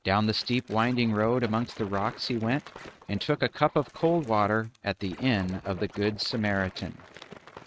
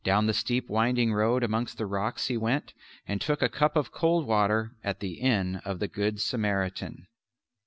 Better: second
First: noise reduction (neural mask model RNNoise)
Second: none

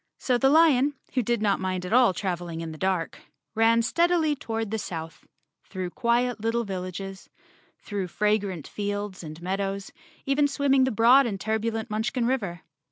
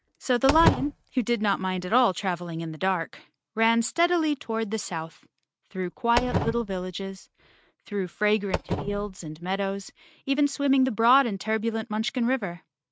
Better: first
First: none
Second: noise reduction (neural mask model RNNoise)

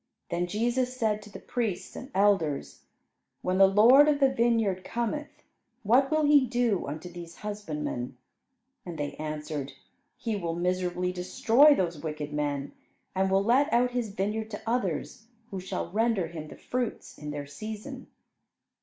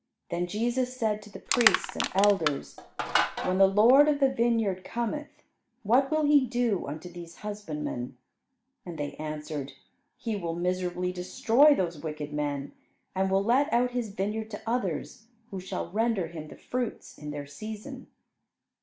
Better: first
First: none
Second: background sound (Crushing); 2 dB below the speech

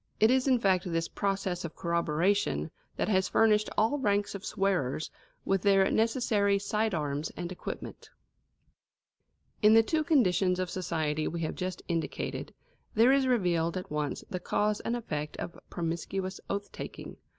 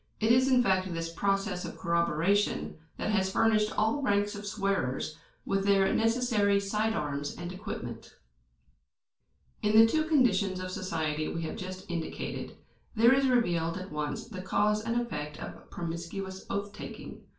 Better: first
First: none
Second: room echo; dies away in 0.3 s

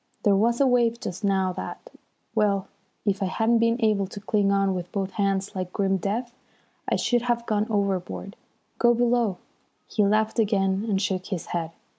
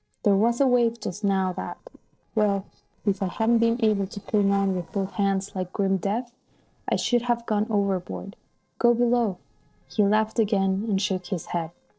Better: first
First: none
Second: noise reduction (neural separator model SepFormer DNS4)

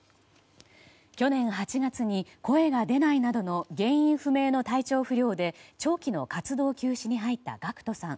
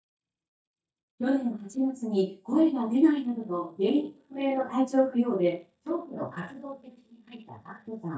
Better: first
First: none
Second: noise reduction (neural mask model DeepFilterNet 3)

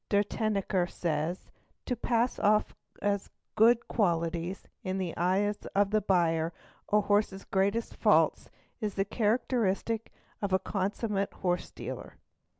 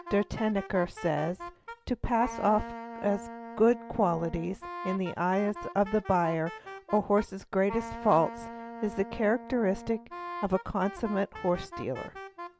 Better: first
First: none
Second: background sound (Wind instrument, woodwind instrument); 12 dB below the speech

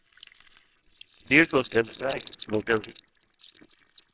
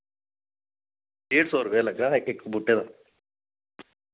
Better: second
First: noise reduction (neural separator model SepFormer WHAMR!)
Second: none

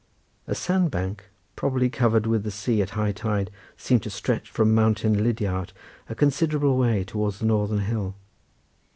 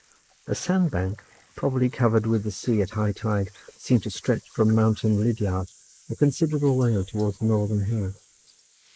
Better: first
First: none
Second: noise reduction (neural mask model Resemble Enhance denoiser)

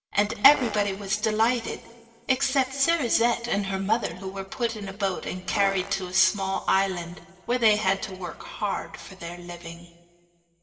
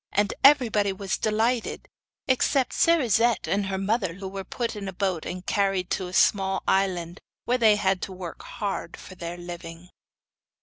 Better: second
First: background sound (Fart); 12 dB below the speech // room echo; dies away in 2 s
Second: none

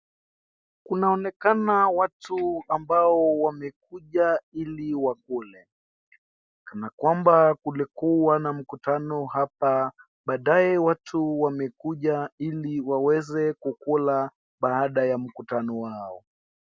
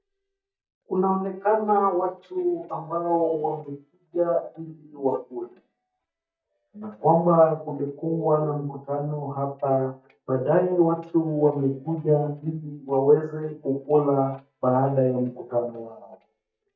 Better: first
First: none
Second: noise reduction (neural mask model DeepFilterNet 3)

